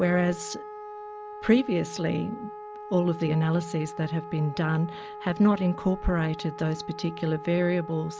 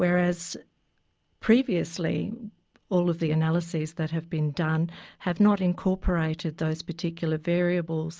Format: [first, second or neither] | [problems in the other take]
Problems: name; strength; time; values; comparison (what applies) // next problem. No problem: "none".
second | background sound (Wind instrument, woodwind instrument); 13 dB below the speech